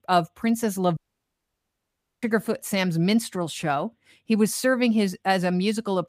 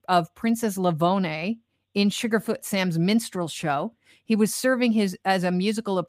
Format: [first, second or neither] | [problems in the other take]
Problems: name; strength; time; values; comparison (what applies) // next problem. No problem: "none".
second | audio cutting out; at 1 s for 1.5 s